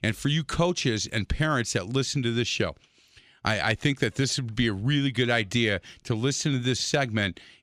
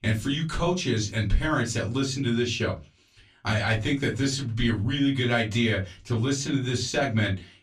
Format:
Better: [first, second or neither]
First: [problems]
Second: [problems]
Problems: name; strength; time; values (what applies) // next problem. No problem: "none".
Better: first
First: none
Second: off-mic speech; far // room echo; very slight; dies away in 0.2 s